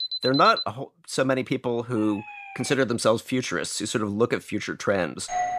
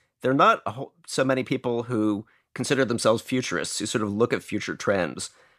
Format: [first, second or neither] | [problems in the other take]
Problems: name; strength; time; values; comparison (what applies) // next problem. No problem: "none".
second | alarm; noticeable; at the start; peak 2 dB below the speech // siren; faint; at 2 s; peak 15 dB below the speech // doorbell; noticeable; at 5.5 s; peak 3 dB below the speech